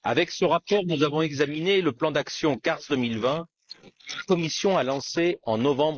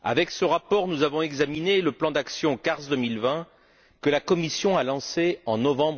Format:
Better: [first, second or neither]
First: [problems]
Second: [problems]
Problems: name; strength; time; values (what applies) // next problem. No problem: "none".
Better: second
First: noise reduction (neural mask model Resemble Enhance denoiser)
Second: none